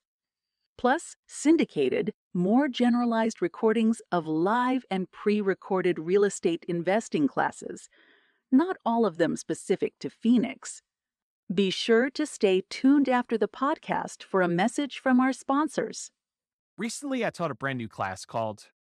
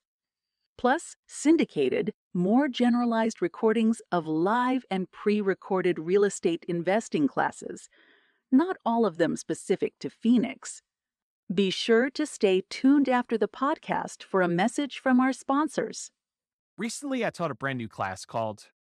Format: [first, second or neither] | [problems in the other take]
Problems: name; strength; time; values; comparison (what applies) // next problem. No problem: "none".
neither | none